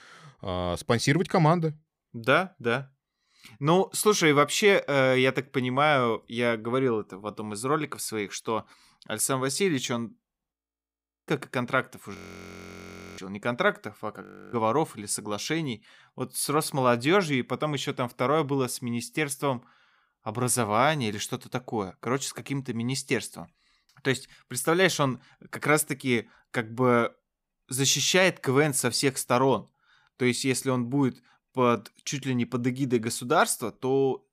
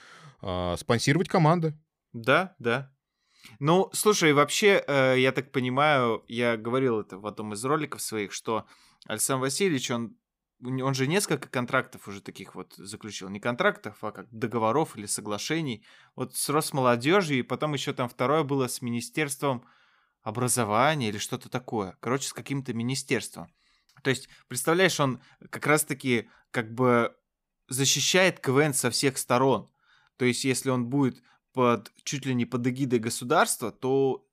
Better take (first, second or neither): second